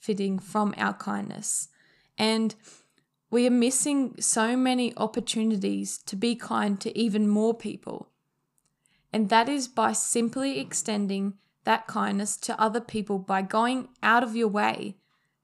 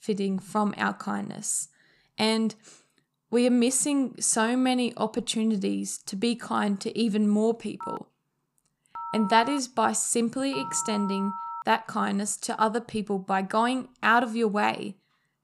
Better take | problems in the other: first | phone ringing; noticeable; from 8 to 12 s; peak 9 dB below the speech

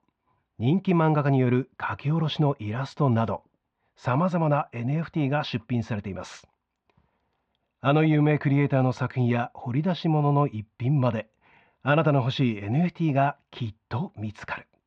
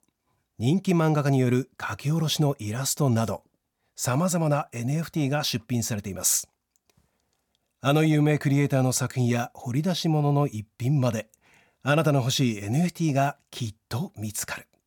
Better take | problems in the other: second | muffled; very; fading above 3 kHz

